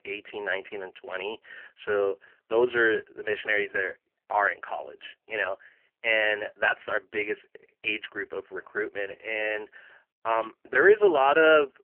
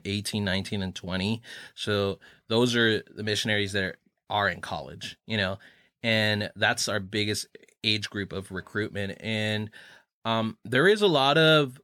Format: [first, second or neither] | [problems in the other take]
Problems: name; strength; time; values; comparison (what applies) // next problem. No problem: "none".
second | phone-call audio; poor line; nothing above 3 kHz